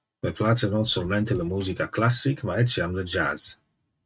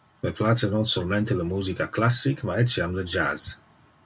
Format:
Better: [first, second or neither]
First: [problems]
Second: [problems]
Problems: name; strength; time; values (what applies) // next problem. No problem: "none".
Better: second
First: noise reduction (neural mask model RNNoise)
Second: none